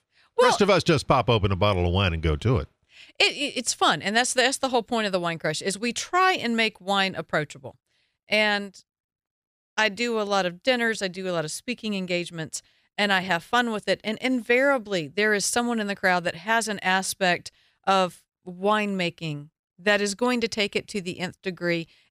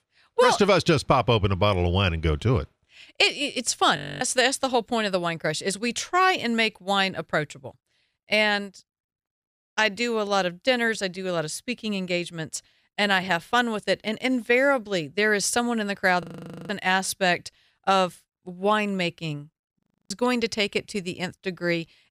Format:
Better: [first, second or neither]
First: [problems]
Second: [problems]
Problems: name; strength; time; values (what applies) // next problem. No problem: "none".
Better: first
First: none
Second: audio freezing; at 4 s, at 16 s and at 20 s